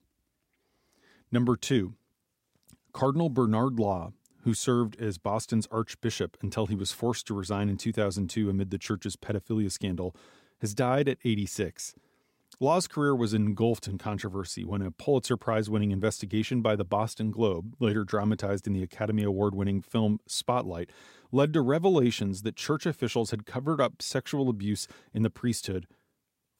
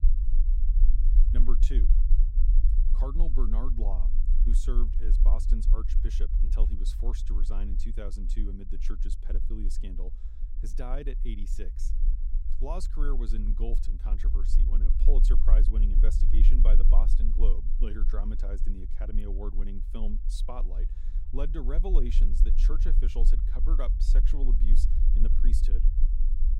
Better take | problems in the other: first | low rumble; loud; throughout; 8 dB below the speech

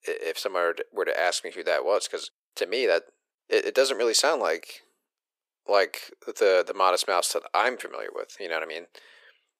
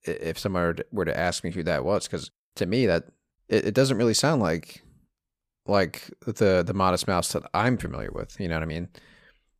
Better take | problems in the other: second | thin; very; fading below 400 Hz

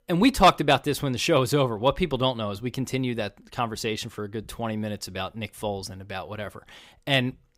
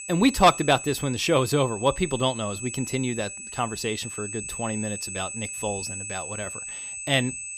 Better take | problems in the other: first | high-pitched whine; loud; throughout; 8 kHz, 8 dB below the speech

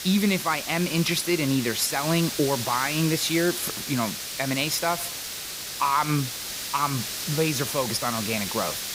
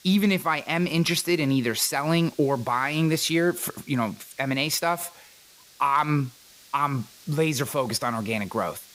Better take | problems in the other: second | hiss; loud; throughout; 4 dB below the speech; faint in the second

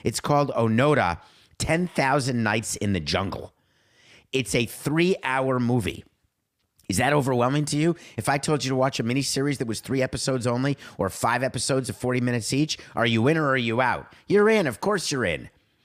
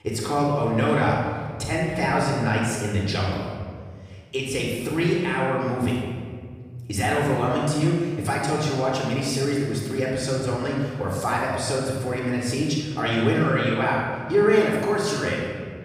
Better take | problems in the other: first | room echo; strong; dies away in 1.7 s // off-mic speech; far

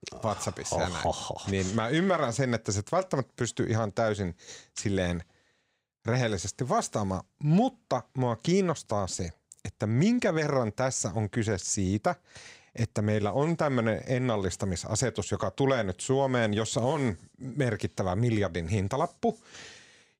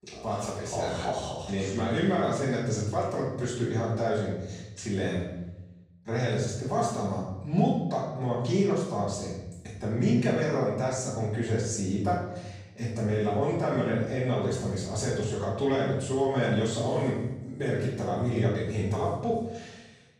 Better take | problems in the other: first | room echo; noticeable; dies away in 0.9 s // off-mic speech; far

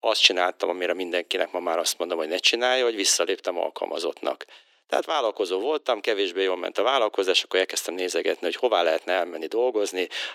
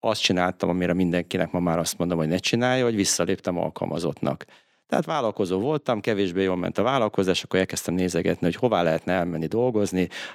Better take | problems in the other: second | thin; very; fading below 350 Hz

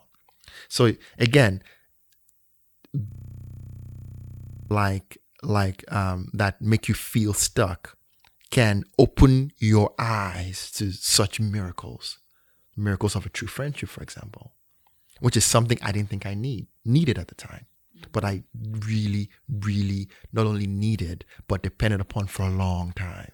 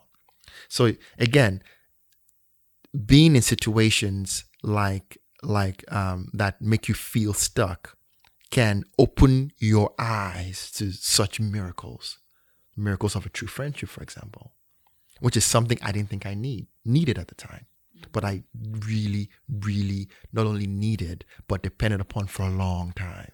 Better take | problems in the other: second | audio freezing; at 3 s for 1.5 s

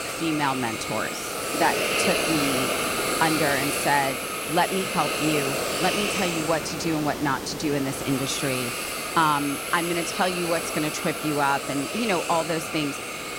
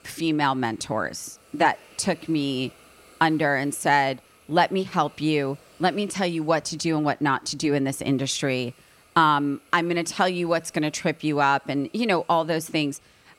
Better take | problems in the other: second | hiss; loud; throughout; 1 dB below the speech; faint in the second

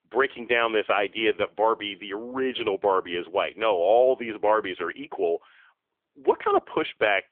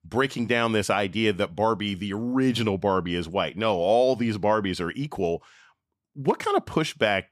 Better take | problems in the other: second | phone-call audio; poor line; nothing above 3.5 kHz

